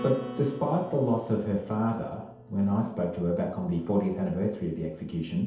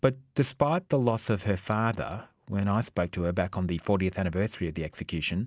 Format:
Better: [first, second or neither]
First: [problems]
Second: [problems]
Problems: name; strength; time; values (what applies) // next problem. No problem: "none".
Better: second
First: background sound (Acoustic guitar); 16 dB below the speech // room echo; dies away in 0.8 s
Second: none